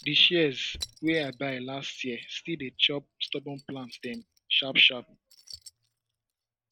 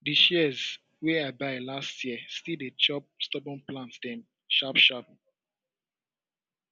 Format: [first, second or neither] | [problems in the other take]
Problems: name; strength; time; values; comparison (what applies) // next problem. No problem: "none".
second | noise reduction (neural mask model RNNoise)